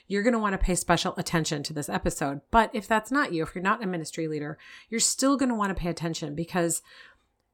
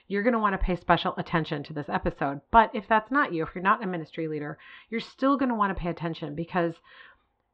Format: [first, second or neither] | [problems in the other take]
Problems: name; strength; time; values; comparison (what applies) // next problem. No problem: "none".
first | muffled; very slightly; fading above 3.5 kHz